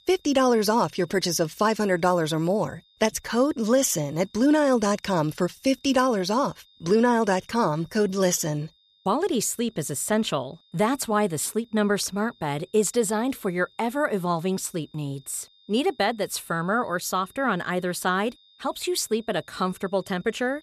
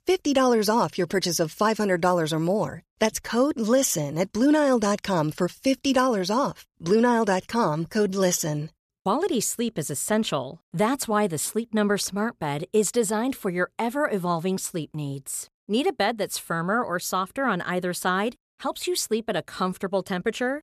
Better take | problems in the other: second | high-pitched whine; faint; throughout; 3.5 kHz, 30 dB below the speech

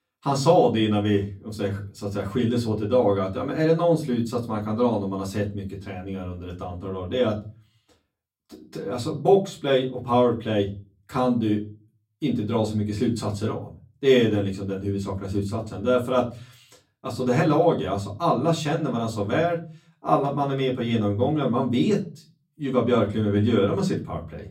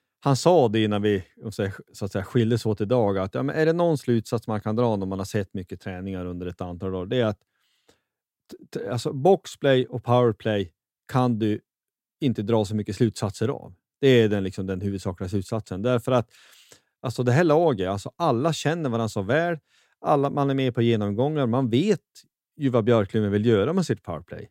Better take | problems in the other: second | off-mic speech; far // room echo; very slight; dies away in 0.3 s

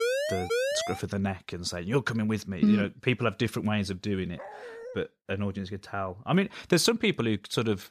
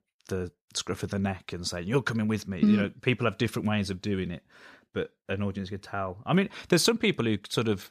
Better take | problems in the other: second | siren; loud; at the start; peak 1 dB above the speech // dog barking; faint; at 4.5 s; peak 15 dB below the speech

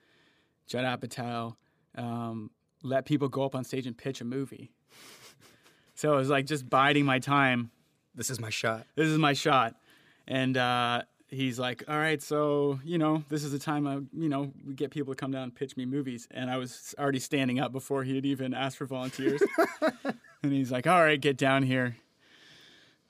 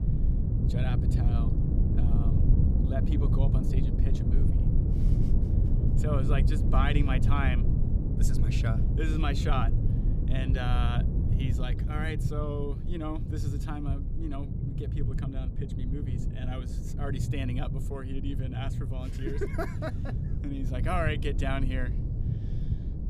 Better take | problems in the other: first | low rumble; loud; throughout; 4 dB below the speech

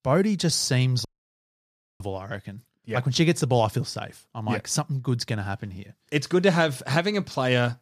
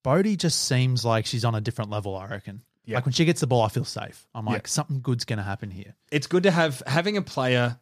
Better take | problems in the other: second | audio cutting out; at 1 s for 1 s

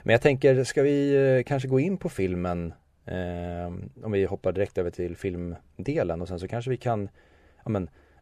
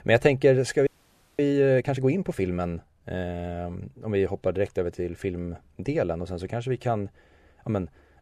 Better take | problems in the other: first | audio freezing; at 1 s for 0.5 s

